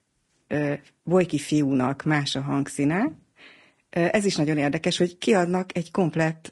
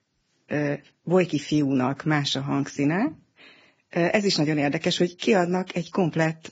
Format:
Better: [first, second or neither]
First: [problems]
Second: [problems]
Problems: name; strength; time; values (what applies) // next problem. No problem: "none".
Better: first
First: garbled, watery; slightly; nothing above 10.5 kHz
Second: garbled, watery; badly; nothing above 7.5 kHz